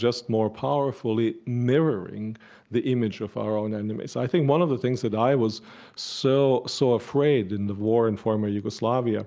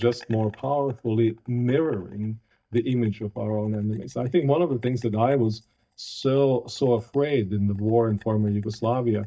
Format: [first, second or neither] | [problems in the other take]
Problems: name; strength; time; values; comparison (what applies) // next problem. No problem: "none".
first | noise reduction (neural mask model DeepFilterNet 3)